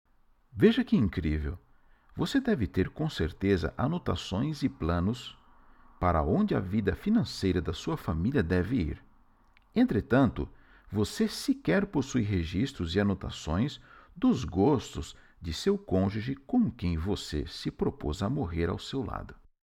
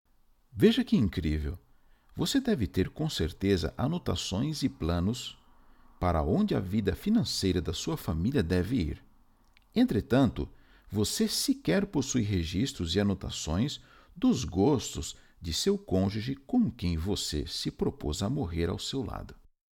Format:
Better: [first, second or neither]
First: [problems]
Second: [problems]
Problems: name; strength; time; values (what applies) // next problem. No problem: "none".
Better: second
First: muffled; slightly; fading above 3.5 kHz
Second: none